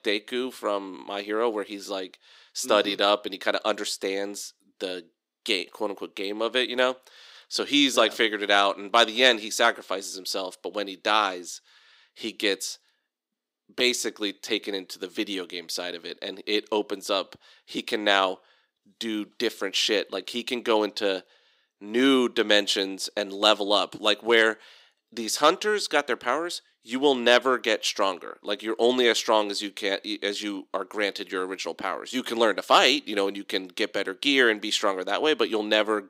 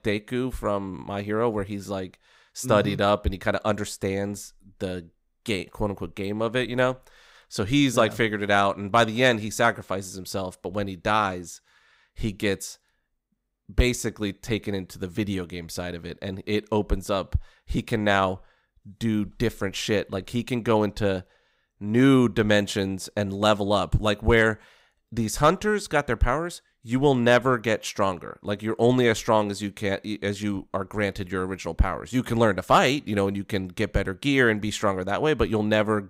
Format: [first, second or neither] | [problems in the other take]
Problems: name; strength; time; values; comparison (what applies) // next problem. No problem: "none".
second | thin; very slightly; fading below 300 Hz